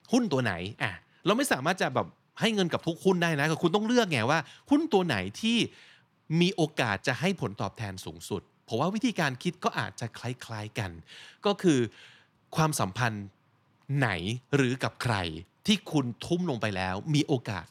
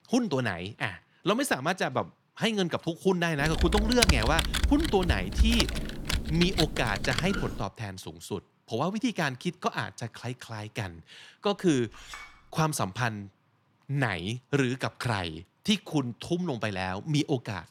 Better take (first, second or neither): first